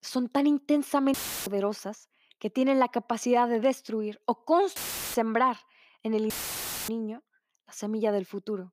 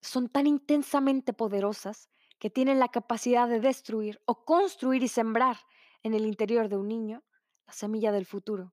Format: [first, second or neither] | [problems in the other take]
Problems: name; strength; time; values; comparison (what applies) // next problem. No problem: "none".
second | audio cutting out; filled with static; at 1 s, at 5 s and at 6.5 s for 0.5 s